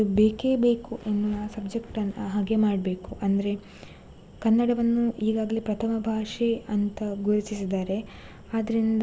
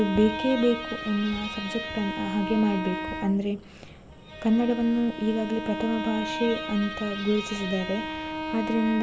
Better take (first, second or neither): first